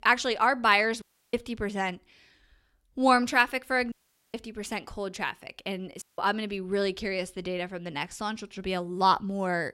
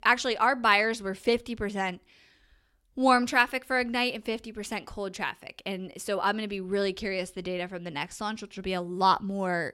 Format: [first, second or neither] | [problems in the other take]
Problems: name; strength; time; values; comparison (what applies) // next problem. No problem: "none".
second | audio cutting out; at 1 s, at 4 s and at 6 s